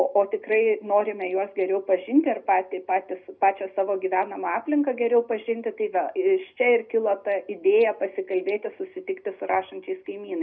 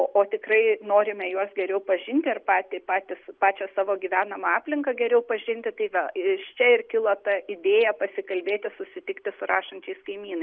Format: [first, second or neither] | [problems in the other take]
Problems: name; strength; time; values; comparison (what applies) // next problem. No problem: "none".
second | room echo; dies away in 0.3 s